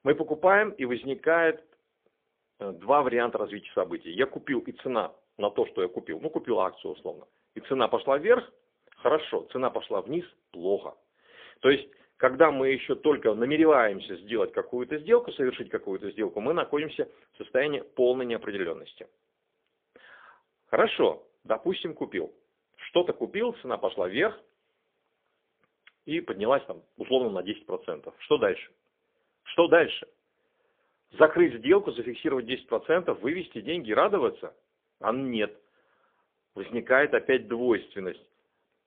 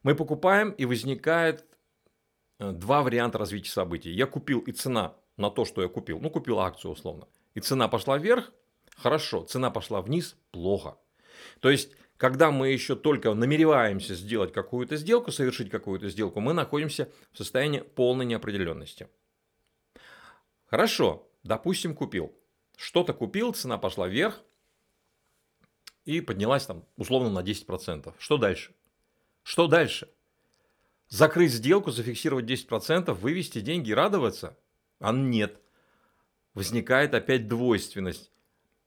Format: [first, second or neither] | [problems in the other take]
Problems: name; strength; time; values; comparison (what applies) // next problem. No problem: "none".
second | phone-call audio; poor line; nothing above 3.5 kHz